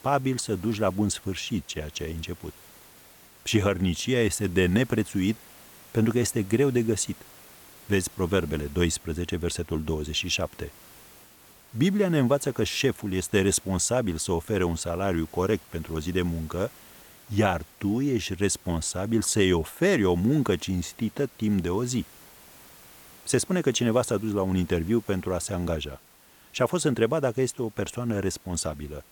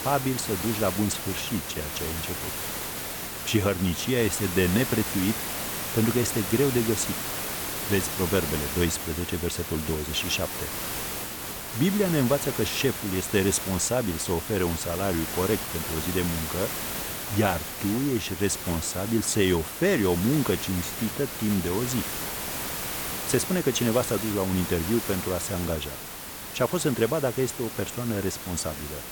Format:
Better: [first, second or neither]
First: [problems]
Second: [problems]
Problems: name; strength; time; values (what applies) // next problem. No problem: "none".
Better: first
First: hiss; faint; throughout; 25 dB below the speech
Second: hiss; loud; throughout; 4 dB below the speech